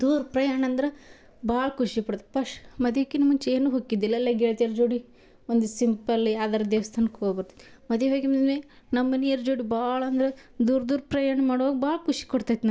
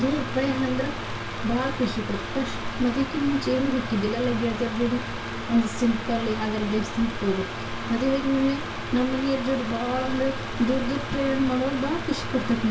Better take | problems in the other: first | background sound (Mechanical fan); 6 dB below the speech // room echo; dies away in 0.2 s

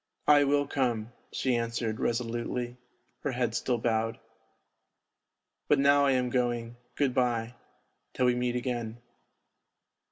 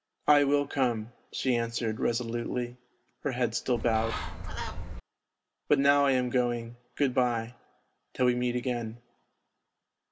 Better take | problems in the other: first | background sound (Bird); 4 dB below the speech

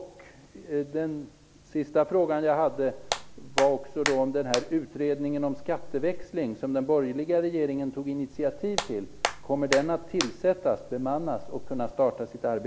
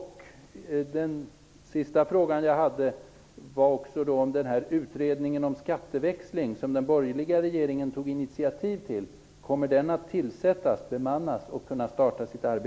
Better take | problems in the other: second | background sound (Hands); 7 dB below the speech

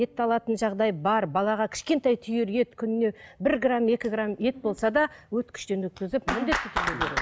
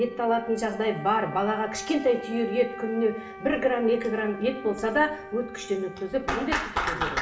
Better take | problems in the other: first | background sound (Wind instrument, woodwind instrument); 14 dB below the speech // room echo; dies away in 0.7 s

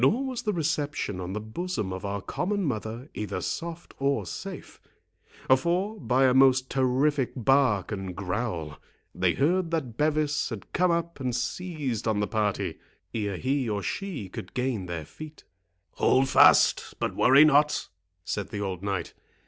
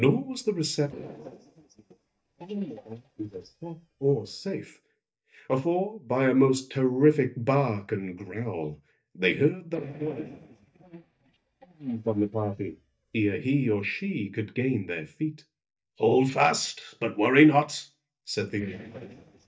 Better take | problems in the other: first | noise reduction (neural mask model DeepFilterNet 3)

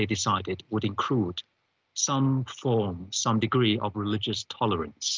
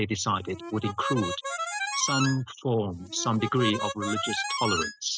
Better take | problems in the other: first | noise reduction (classical method spectral subtraction)

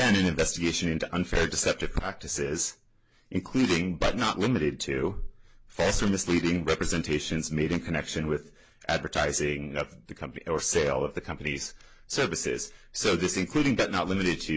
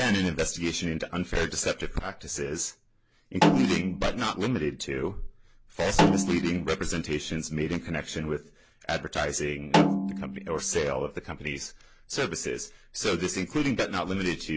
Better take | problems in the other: first | background sound (Snare drum); 1 dB above the speech

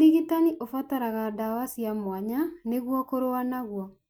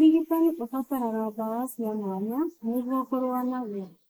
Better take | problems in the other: first | noise reduction (neural mask model Resemble Enhance denoiser)

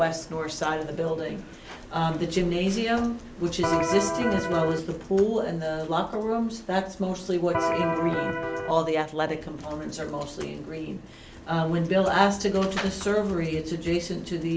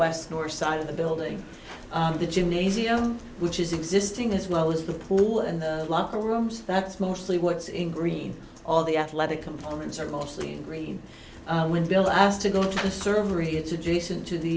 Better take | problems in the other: second | background sound (Electric guitar); as loud as the speech

